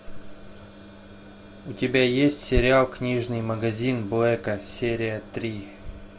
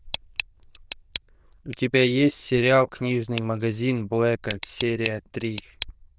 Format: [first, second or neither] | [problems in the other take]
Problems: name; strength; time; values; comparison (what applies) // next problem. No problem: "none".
first | noise reduction (neural diffusion model UNIVERSE++)